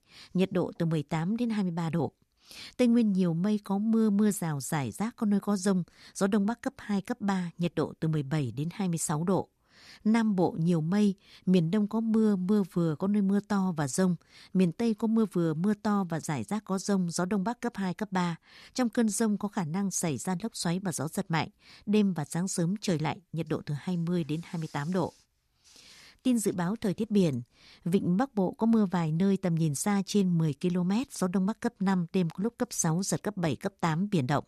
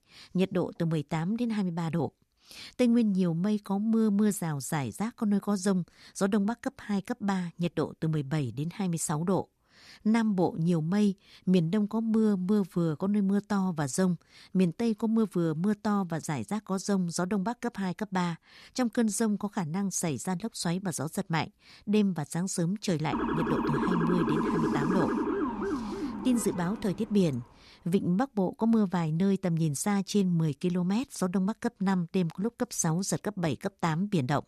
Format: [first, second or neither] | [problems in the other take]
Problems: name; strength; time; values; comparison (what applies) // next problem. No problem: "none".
first | siren; loud; from 23 to 27 s; peak 1 dB above the speech